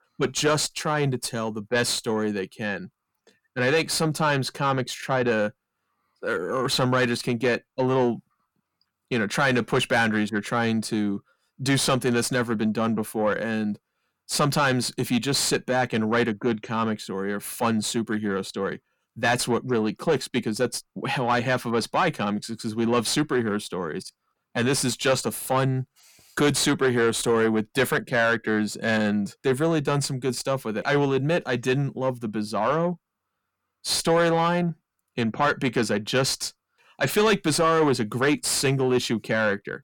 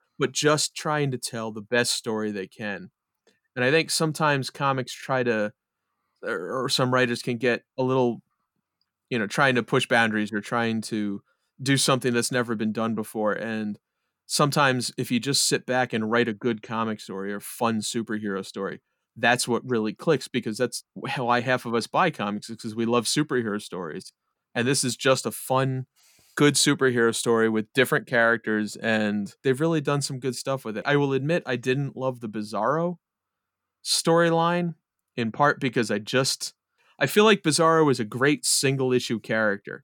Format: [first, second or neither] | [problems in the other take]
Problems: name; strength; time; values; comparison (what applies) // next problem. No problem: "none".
second | distortion; slight; 10 dB below the speech